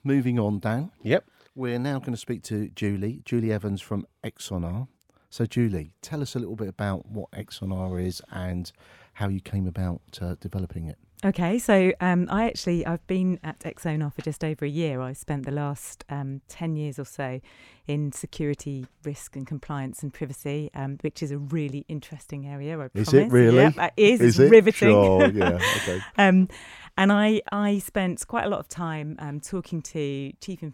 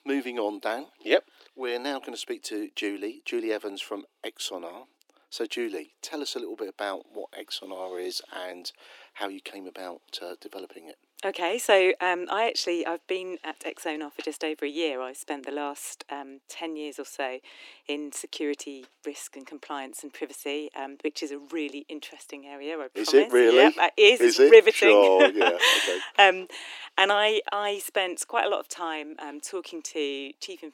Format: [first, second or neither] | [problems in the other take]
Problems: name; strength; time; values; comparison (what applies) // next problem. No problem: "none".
first | thin; very; fading below 300 Hz